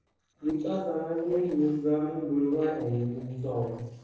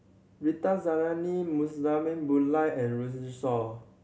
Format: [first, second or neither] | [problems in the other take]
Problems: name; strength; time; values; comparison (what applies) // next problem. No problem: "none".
second | noise reduction (neural separator model SepFormer DNS4)